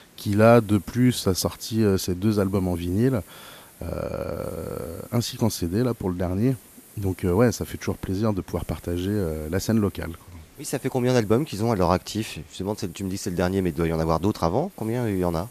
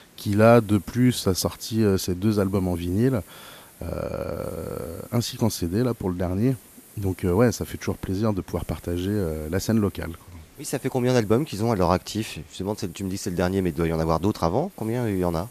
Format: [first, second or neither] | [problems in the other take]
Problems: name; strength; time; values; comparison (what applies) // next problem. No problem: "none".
neither | hiss; faint; throughout; 25 dB below the speech; the same in both